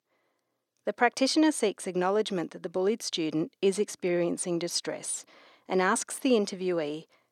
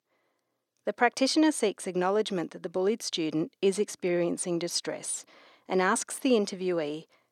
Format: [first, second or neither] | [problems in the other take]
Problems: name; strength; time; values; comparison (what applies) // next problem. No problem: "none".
neither | thin; somewhat; fading below 350 Hz; the same in both